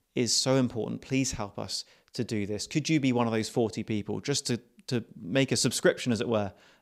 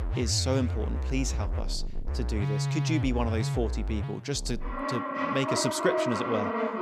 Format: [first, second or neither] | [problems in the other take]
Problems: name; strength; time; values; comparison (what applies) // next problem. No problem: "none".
first | background music; very loud; throughout; as loud as the speech